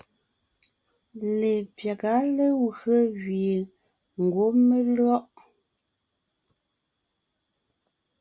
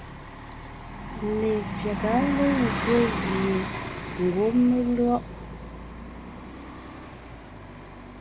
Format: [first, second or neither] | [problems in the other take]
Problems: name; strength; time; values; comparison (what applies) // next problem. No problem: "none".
first | background sound (Bus); 5 dB below the speech